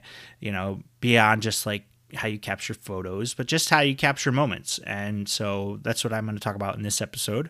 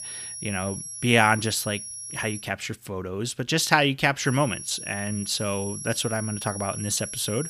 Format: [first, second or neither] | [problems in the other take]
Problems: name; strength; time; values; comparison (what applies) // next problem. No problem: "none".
first | high-pitched whine; loud; until 2.5 s and from 4 s on; 10.5 kHz, 8 dB below the speech